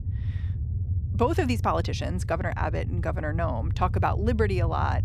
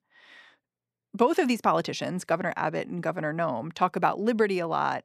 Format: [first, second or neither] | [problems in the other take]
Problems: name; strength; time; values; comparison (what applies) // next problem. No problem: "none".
second | low rumble; noticeable; throughout; 15 dB below the speech